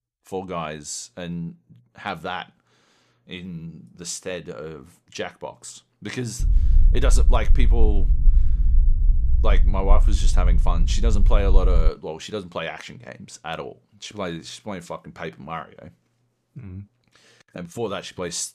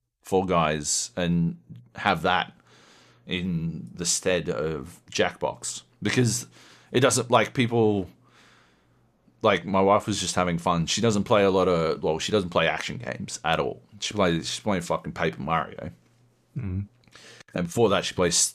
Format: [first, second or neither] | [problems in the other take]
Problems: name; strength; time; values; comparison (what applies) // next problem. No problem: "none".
second | low rumble; noticeable; from 6.5 to 12 s; 15 dB below the speech